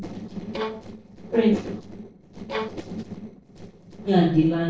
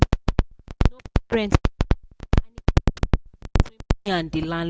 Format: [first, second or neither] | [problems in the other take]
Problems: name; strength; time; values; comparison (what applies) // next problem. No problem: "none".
second | noise reduction (neural separator model SepFormer DNS4)